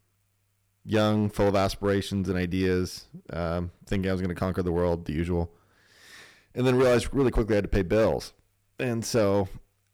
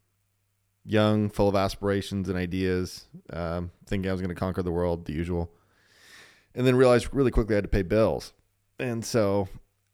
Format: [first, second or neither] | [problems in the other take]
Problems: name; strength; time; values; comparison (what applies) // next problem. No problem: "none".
second | distortion; slight; 5% of the sound clipped